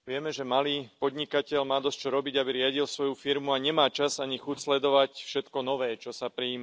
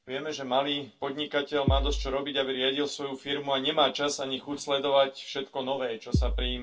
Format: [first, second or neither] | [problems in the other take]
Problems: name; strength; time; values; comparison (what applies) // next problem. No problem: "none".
first | background sound (Bass drum); 2 dB above the speech // room echo; dies away in 0.2 s